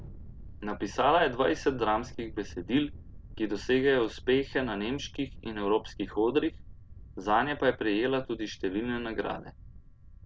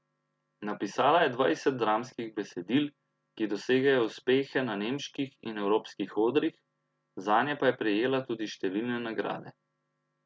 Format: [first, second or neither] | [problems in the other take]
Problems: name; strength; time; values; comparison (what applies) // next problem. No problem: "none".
second | background sound (Thunder); 15 dB below the speech